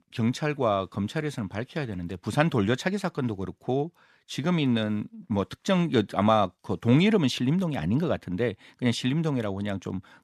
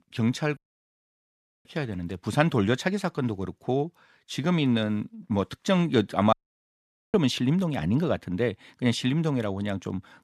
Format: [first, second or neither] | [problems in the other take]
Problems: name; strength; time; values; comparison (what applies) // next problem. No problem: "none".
first | audio cutting out; at 0.5 s for 1 s and at 6.5 s for 1 s